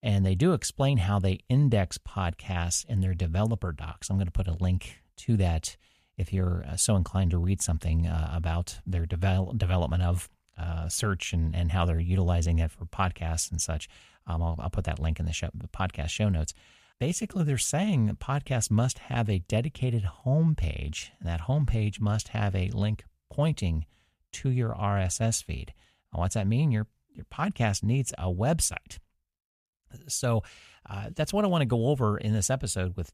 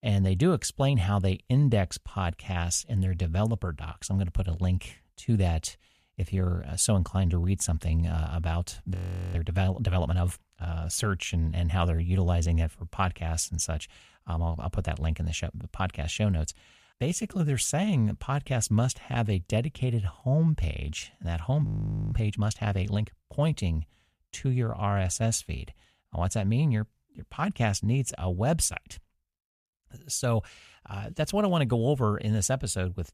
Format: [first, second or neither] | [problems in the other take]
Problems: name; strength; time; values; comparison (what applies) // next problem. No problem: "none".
first | audio freezing; at 9 s and at 22 s